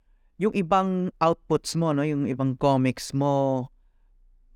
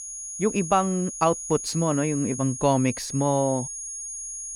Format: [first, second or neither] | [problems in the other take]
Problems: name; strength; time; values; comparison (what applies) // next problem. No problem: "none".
first | high-pitched whine; loud; throughout; 6.5 kHz, 8 dB below the speech